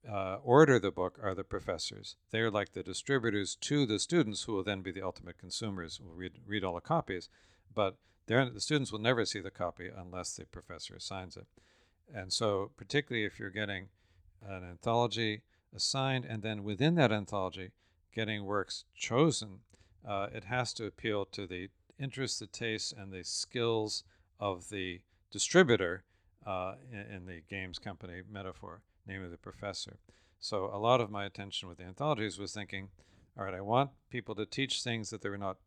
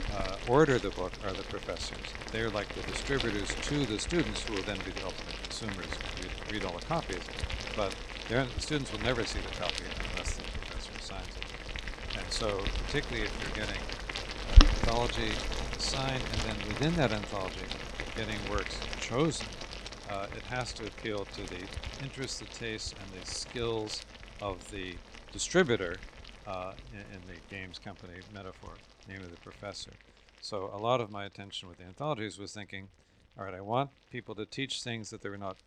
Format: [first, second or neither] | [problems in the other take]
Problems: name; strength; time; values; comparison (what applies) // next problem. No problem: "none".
first | household noises; loud; throughout; 1 dB below the speech